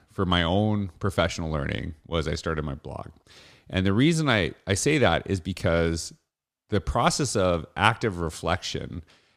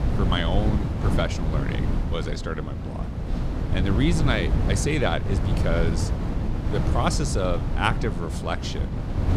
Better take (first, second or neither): first